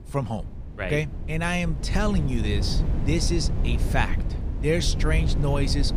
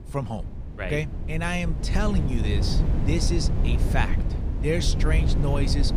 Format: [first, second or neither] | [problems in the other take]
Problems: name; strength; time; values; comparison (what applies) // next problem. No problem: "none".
first | wind noise on the microphone; heavy; 7 dB below the speech; occasional gusts in the first